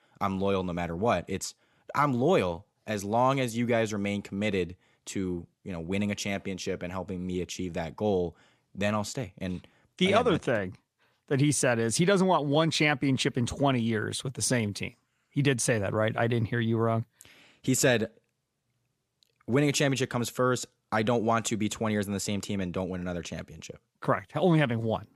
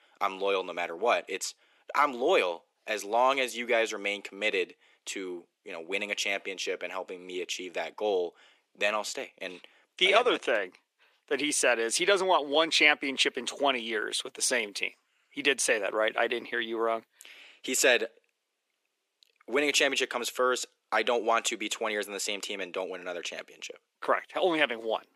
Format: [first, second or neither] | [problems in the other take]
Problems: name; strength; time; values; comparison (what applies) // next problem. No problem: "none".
first | thin; very; fading below 350 Hz